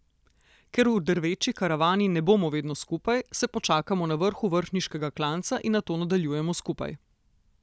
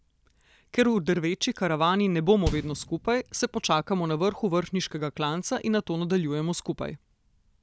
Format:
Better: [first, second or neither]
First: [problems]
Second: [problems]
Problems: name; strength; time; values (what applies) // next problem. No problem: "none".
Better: first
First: none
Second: background sound (Bass drum); 12 dB below the speech